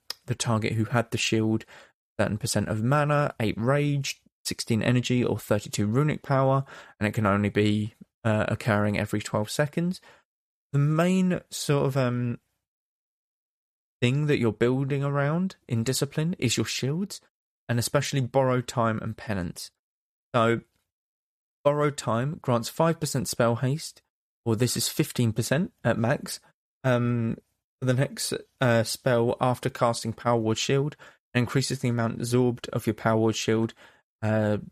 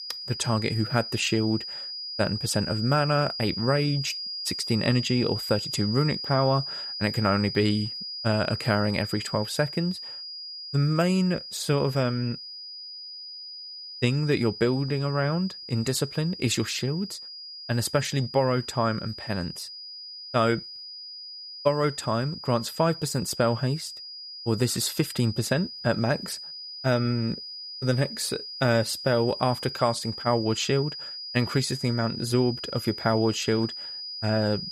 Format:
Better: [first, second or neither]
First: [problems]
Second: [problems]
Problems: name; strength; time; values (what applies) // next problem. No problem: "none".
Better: first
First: none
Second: high-pitched whine; loud; throughout; 5 kHz, 8 dB below the speech